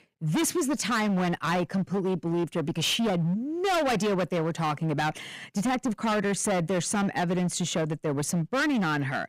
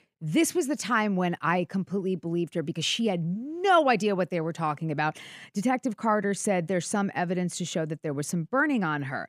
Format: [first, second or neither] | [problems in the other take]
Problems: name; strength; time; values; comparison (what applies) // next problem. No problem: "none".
second | distortion; heavy; 24% of the sound clipped